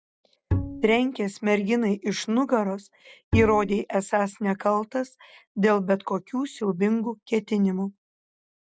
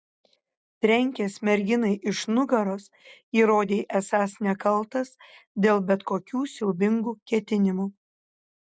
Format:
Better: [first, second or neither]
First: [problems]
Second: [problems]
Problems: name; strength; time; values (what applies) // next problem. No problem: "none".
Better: second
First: background sound (Bowed string instrument); 2 dB below the speech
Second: none